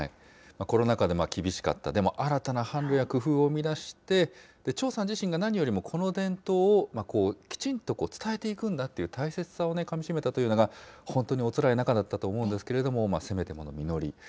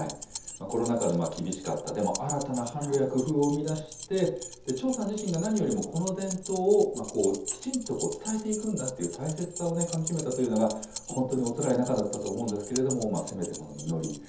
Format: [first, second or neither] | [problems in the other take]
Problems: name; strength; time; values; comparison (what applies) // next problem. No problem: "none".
first | background sound (Keys jangling); 11 dB below the speech // room echo; dies away in 0.5 s